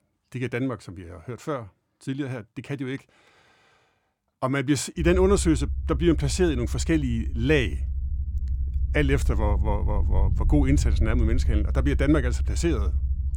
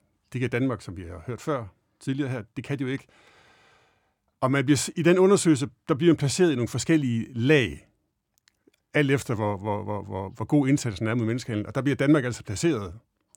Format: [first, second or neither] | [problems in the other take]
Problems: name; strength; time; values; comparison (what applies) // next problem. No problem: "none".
second | low rumble; noticeable; from 5 s on; 15 dB below the speech